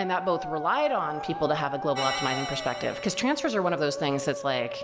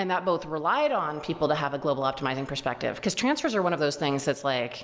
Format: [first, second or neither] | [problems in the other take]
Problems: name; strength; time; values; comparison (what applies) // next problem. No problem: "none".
second | background sound (Organ + Musical instrument); 7 dB below the speech